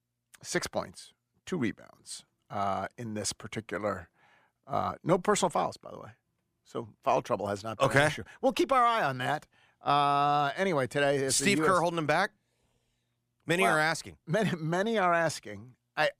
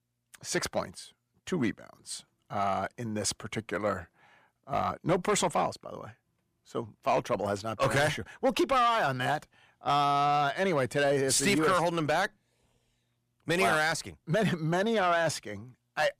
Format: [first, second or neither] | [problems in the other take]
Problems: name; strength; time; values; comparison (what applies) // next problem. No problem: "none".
first | distortion; slight; 10 dB below the speech